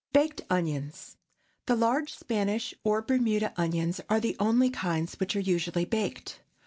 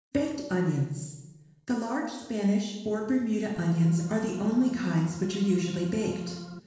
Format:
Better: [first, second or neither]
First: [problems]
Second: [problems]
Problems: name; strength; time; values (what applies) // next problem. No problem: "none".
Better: first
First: none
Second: noise reduction (neural separator model SepFormer DNS4)